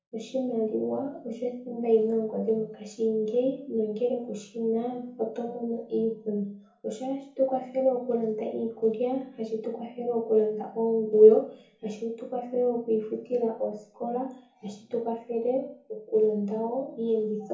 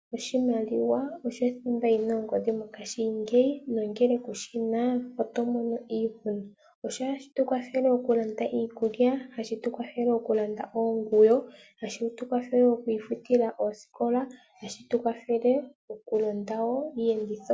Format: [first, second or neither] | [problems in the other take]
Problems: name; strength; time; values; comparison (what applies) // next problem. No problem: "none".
second | room echo; dies away in 0.6 s